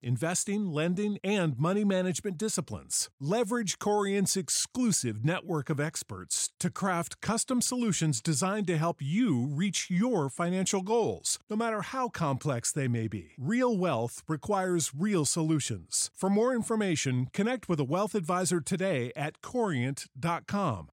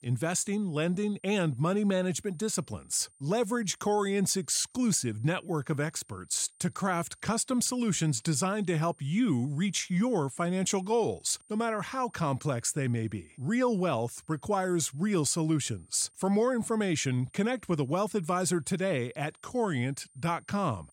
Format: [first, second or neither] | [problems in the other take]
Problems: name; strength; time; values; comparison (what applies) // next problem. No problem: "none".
first | high-pitched whine; faint; throughout; 9 kHz, 30 dB below the speech